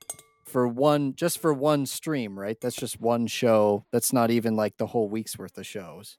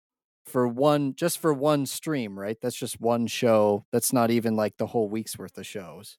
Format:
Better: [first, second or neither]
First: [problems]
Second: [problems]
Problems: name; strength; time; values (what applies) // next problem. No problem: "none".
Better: second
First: household noises; faint; throughout; 20 dB below the speech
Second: none